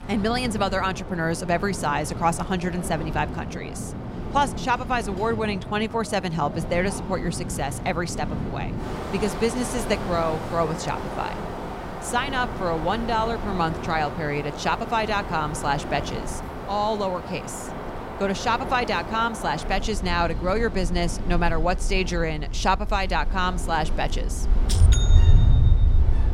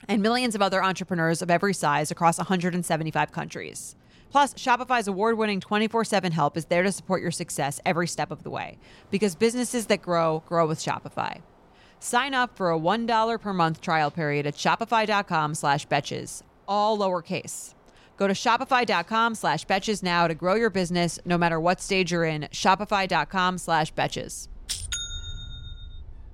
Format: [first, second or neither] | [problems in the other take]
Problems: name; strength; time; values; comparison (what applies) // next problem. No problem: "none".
second | wind in the background; loud; throughout; 3 dB below the speech; faint in the second